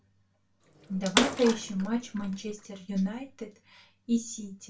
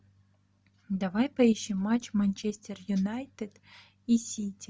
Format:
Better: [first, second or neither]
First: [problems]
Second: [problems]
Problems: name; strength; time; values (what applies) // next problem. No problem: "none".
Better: second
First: background sound (Bathtub (filling or washing) / Water / Splash, splatter); 2 dB below the speech // room echo; dies away in 0.2 s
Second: none